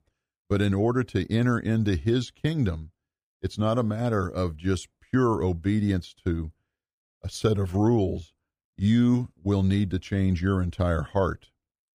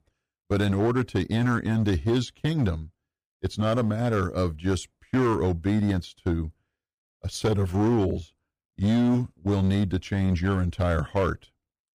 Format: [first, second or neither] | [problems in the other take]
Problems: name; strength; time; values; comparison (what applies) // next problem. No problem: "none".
first | distortion; slight; 9% of the sound clipped